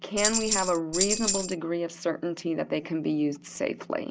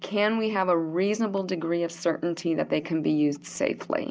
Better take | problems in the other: second | background sound (Tambourine); 1 dB above the speech

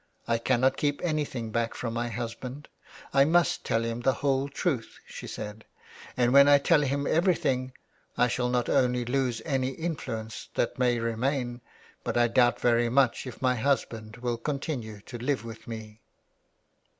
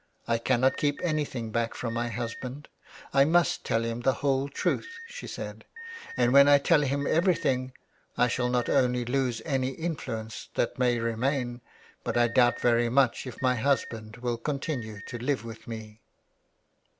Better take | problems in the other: first | background sound (Alarm); 19 dB below the speech

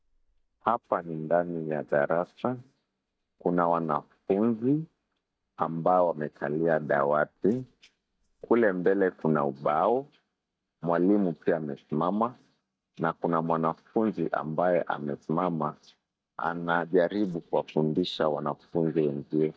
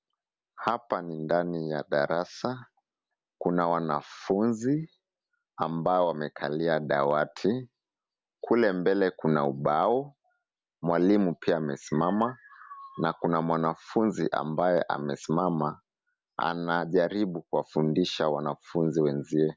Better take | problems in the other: second | noise reduction (neural mask model DeepFilterNet 3)

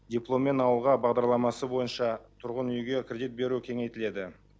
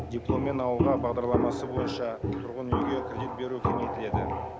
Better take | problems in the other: first | background sound (Walk, footsteps); 2 dB above the speech

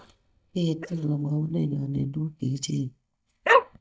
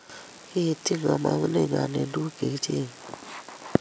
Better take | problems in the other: second | noise reduction (neural mask model DeepFilterNet 3)

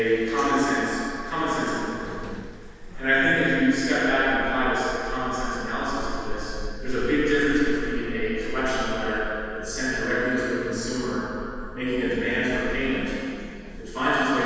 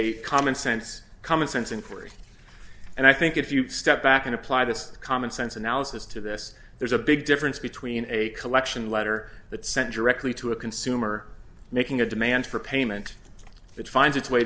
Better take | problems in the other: second | background sound (Sliding door); 9 dB below the speech // room echo; dies away in 2.1 s

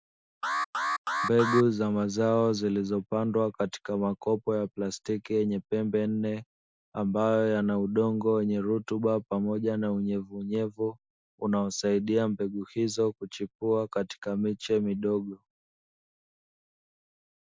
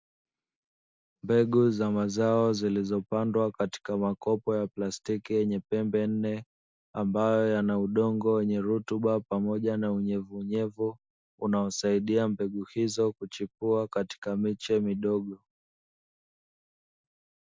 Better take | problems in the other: second | noise reduction (neural mask model Resemble Enhance denoiser)

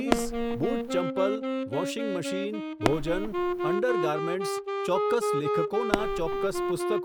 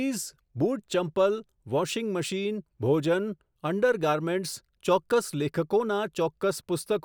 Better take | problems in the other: second | background sound (Fireworks + Wind instrument, woodwind instrument); 2 dB above the speech

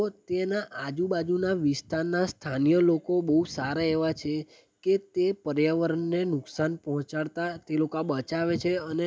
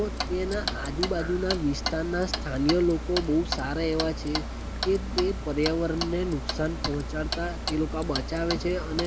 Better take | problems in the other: first | background sound (Clock); 3 dB below the speech

